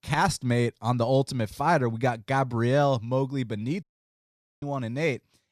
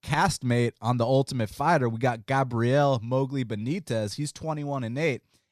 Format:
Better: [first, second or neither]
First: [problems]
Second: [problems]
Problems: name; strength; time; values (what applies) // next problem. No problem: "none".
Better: second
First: audio cutting out; at 4 s for 1 s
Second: none